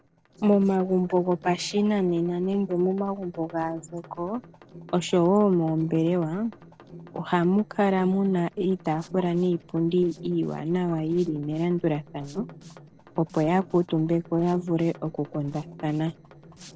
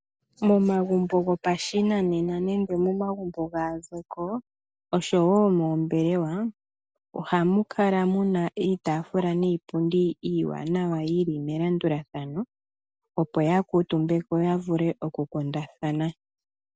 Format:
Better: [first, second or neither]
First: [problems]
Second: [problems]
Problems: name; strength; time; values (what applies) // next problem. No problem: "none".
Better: second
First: noise reduction (neural separator model SepFormer DNS4)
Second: none